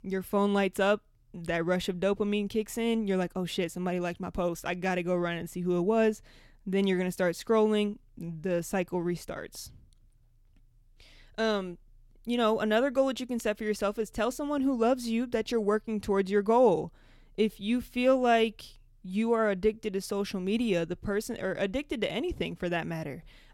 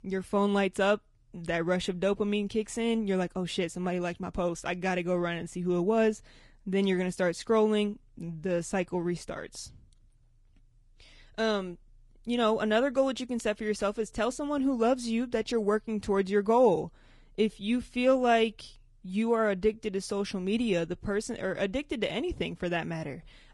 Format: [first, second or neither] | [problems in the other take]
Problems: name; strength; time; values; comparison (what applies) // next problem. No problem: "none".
first | garbled, watery; slightly; nothing above 10.5 kHz